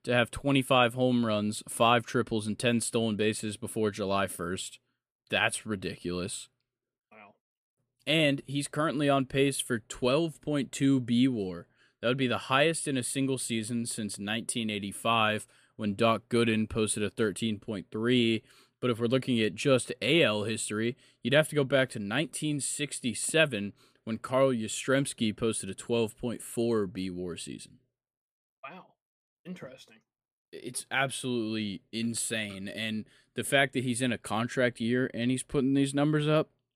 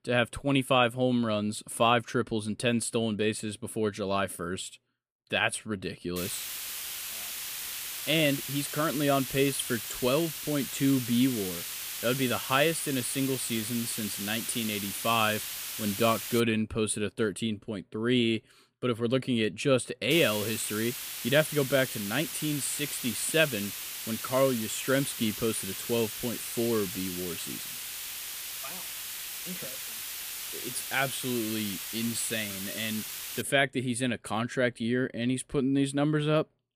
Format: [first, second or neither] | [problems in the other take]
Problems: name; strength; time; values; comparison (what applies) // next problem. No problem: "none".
first | hiss; loud; from 6 to 16 s and from 20 to 33 s; 6 dB below the speech